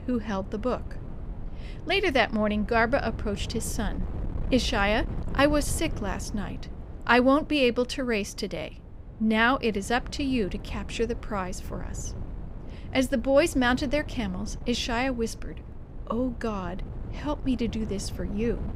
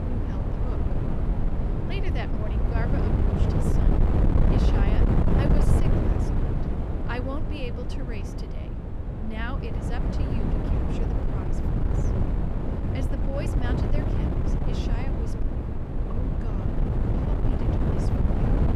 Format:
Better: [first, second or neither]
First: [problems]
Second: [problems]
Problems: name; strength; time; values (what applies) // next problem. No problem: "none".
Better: first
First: wind noise on the microphone; occasional gusts; 20 dB below the speech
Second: wind noise on the microphone; heavy; 5 dB above the speech